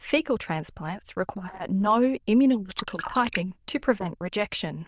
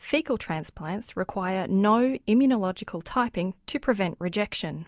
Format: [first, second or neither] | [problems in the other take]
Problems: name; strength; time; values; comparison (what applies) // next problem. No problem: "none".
second | noise reduction (neural diffusion model UNIVERSE++)